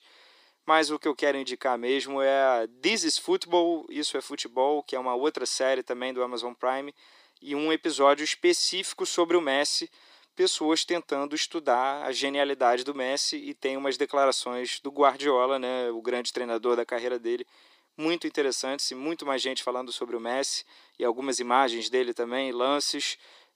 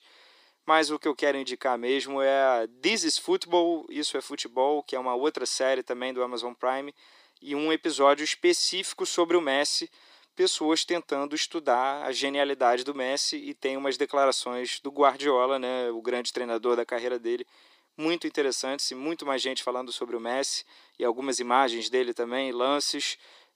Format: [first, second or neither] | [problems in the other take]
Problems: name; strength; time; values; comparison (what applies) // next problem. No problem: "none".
neither | thin; very; fading below 300 Hz; the same in both